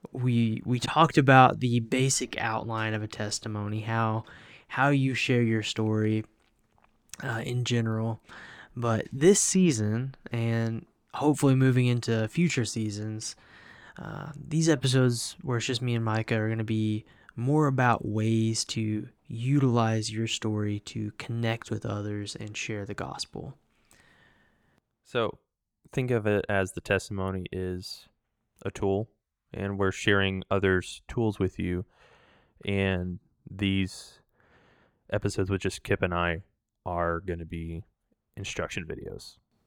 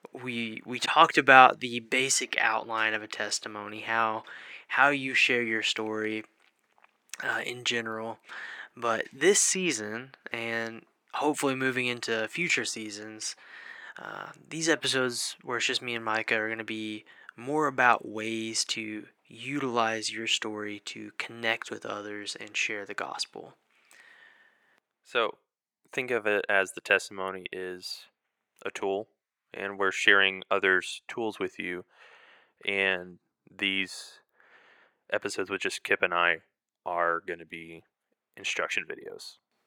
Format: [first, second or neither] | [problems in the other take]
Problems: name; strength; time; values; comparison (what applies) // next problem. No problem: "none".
first | thin; very; fading below 400 Hz